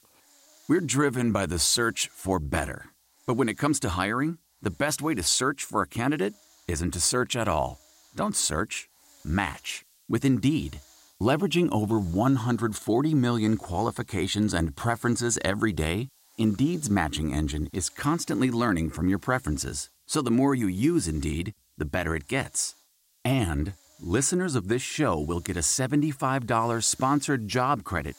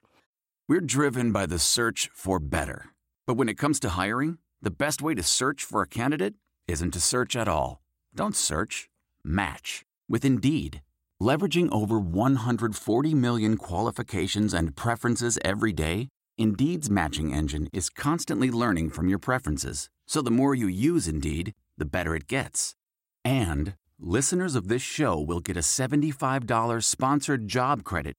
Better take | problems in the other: second | hiss; faint; throughout; 30 dB below the speech

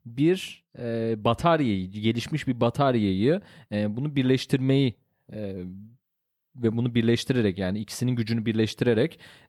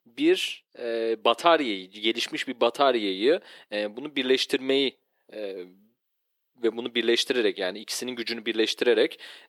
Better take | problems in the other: first | thin; somewhat; fading below 350 Hz

